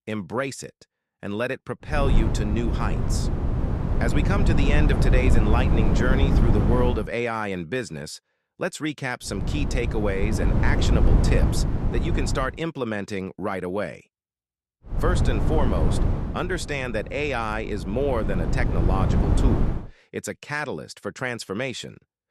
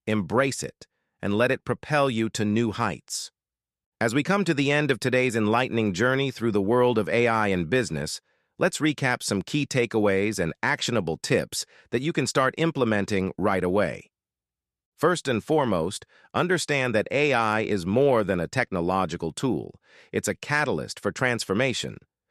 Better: second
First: wind noise on the microphone; heavy; from 2 to 7 s, from 9.5 to 13 s and from 15 to 20 s; 4 dB below the speech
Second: none

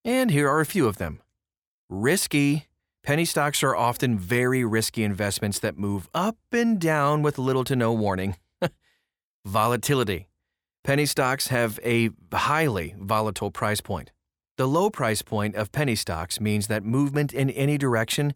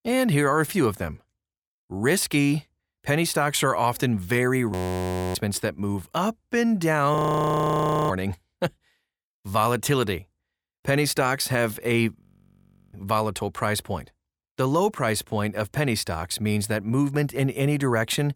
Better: first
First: none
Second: audio freezing; at 4.5 s for 0.5 s, at 7 s for 1 s and at 12 s for 0.5 s

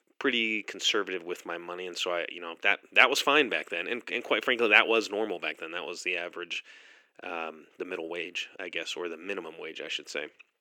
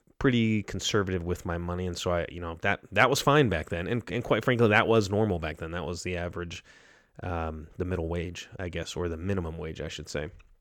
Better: second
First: thin; somewhat; fading below 300 Hz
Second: none

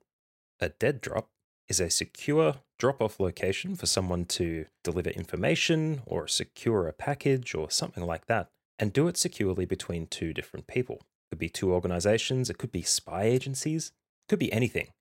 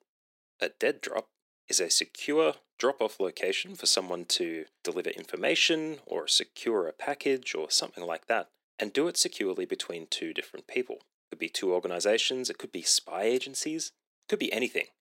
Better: first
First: none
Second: thin; somewhat; fading below 250 Hz

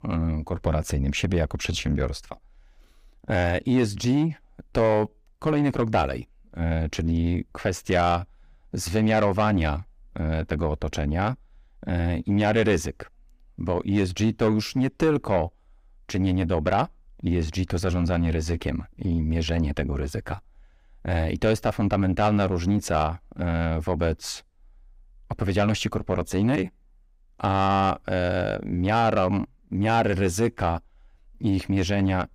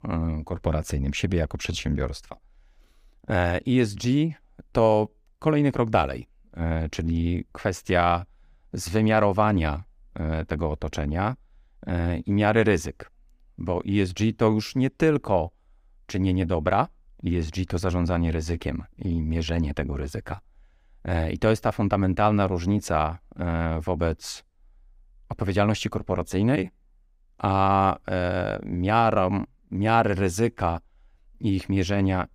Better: second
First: distortion; slight; 10 dB below the speech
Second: none

